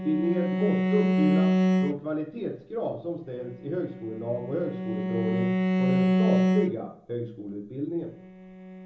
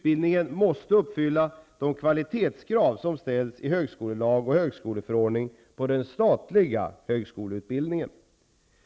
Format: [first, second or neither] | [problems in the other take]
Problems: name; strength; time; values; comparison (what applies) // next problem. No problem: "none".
second | background sound (Bowed string instrument); 4 dB above the speech // room echo; dies away in 1.2 s